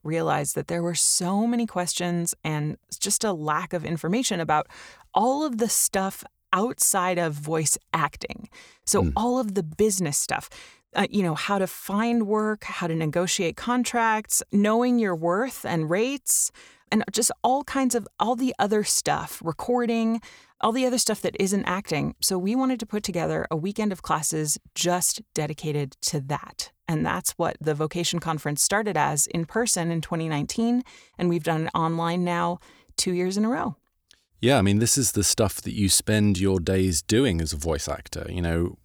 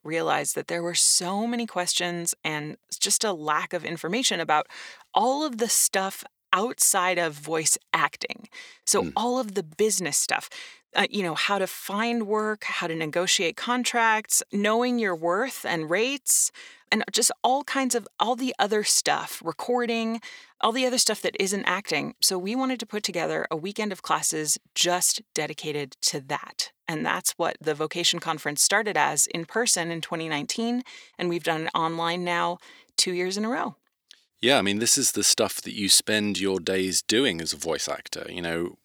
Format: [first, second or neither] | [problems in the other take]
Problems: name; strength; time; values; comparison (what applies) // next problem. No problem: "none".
first | thin; very slightly; fading below 250 Hz